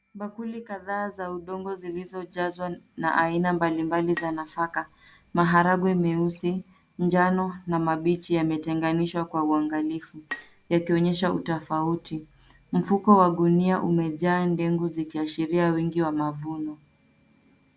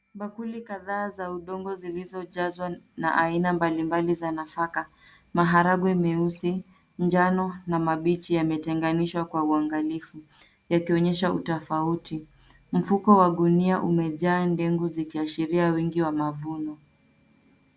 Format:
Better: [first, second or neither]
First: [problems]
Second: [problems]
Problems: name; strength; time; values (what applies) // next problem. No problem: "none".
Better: second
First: background sound (Bowed string instrument); 18 dB below the speech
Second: none